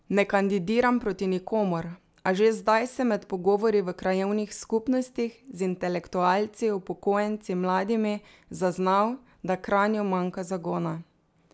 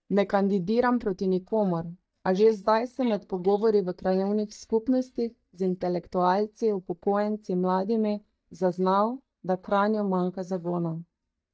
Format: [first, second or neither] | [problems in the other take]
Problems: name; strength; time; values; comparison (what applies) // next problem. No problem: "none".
first | noise reduction (neural mask model DeepFilterNet 3)